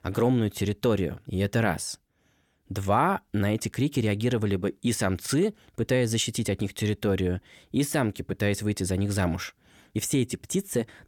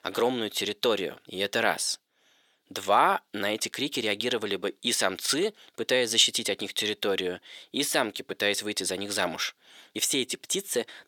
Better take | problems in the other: first | thin; somewhat; fading below 450 Hz

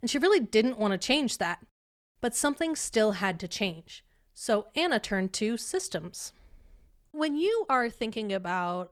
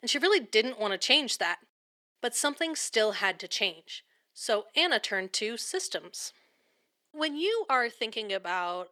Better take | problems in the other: first | thin; somewhat; fading below 350 Hz

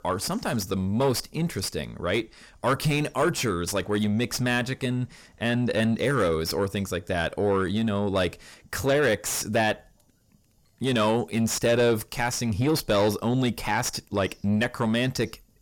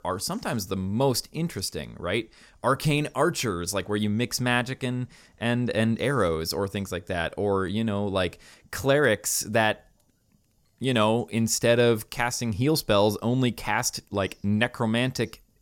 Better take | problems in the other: second | distortion; slight; 9 dB below the speech

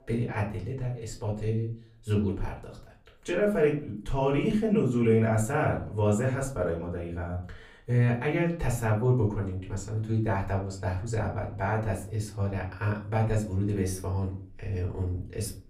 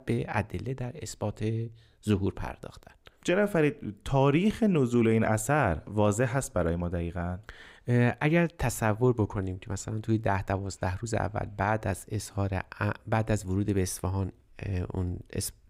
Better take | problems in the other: second | off-mic speech; far // room echo; slight; dies away in 0.4 s

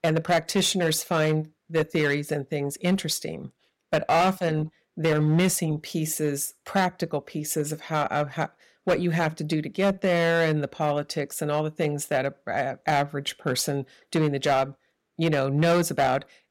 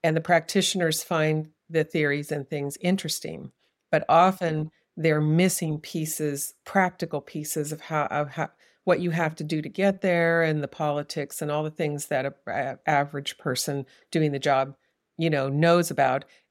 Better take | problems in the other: second | distortion; slight; 6% of the sound clipped

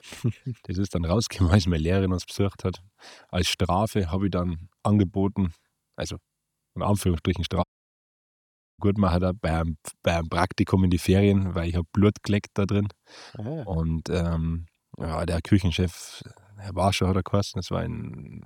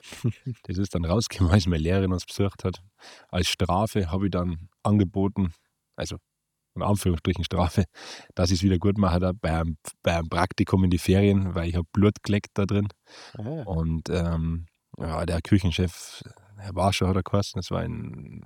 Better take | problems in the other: second | audio cutting out; at 7.5 s for 1 s

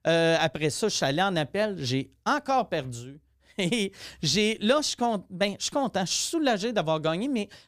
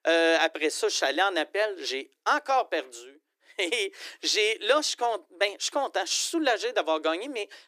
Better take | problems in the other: first | thin; very; fading below 300 Hz

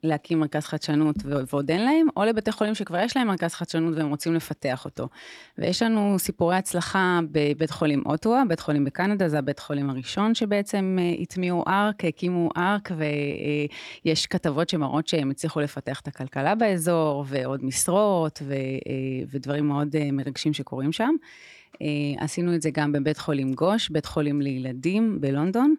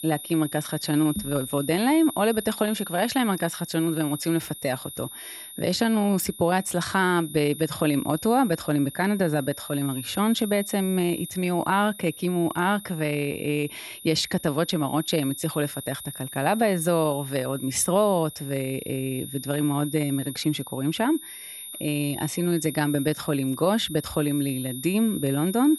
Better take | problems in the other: first | high-pitched whine; noticeable; throughout; 9.5 kHz, 10 dB below the speech

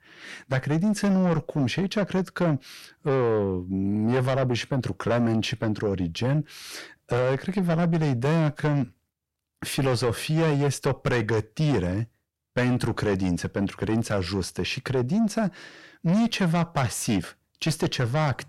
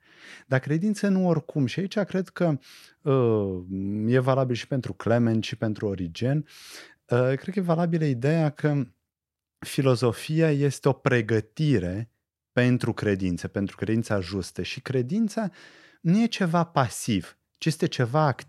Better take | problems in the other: second | distortion; heavy; 6 dB below the speech

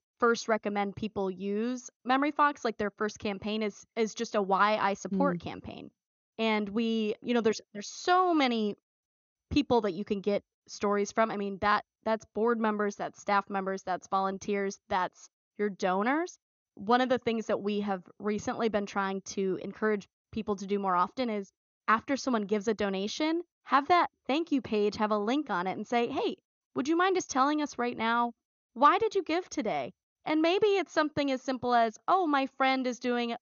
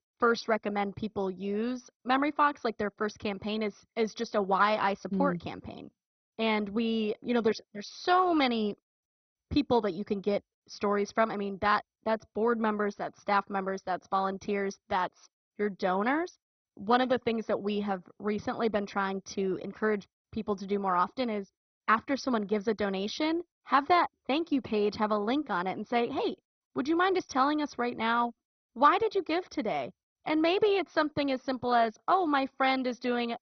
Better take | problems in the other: first | garbled, watery; badly; nothing above 6 kHz; slightly in the first

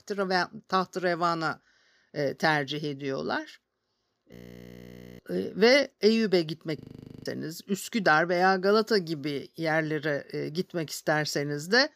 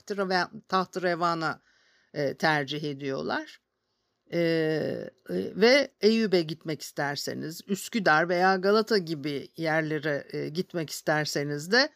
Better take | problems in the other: second | audio freezing; at 4.5 s for 1 s and at 7 s

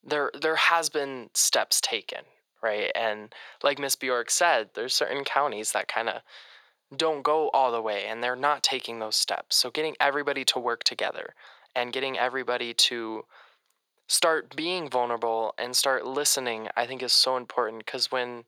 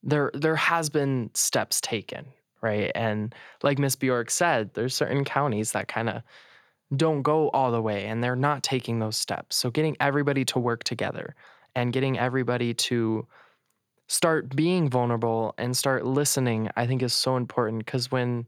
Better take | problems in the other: second | thin; very; fading below 600 Hz

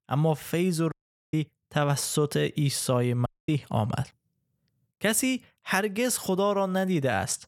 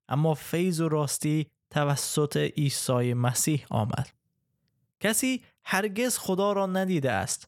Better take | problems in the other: second | audio cutting out; at 1 s and at 3.5 s

